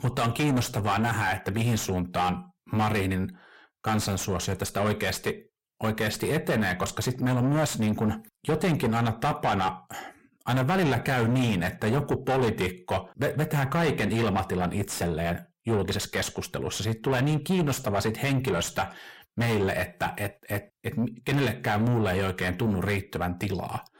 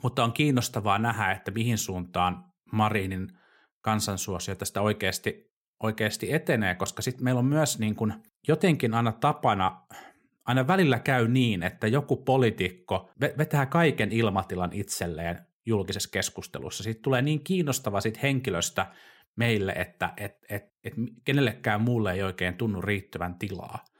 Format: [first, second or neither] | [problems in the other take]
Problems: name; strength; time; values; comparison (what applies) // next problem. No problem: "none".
second | distortion; heavy; 6 dB below the speech